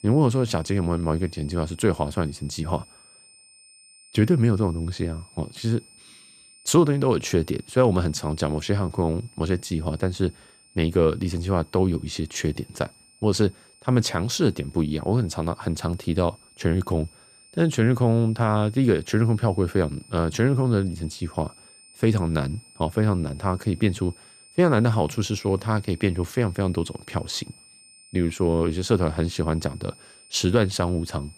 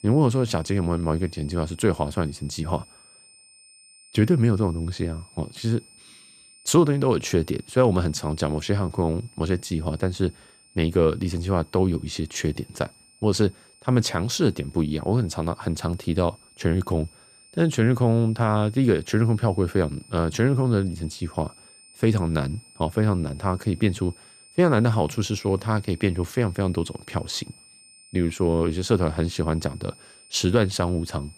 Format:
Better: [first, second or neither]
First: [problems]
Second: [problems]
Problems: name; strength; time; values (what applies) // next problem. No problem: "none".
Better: neither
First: high-pitched whine; faint; throughout; 9 kHz, 25 dB below the speech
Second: high-pitched whine; faint; throughout; 9 kHz, 25 dB below the speech